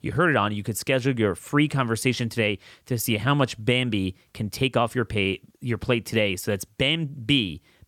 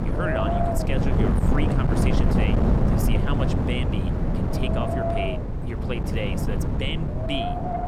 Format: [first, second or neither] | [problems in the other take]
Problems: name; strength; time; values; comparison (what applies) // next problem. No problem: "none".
first | wind noise on the microphone; heavy; 3 dB above the speech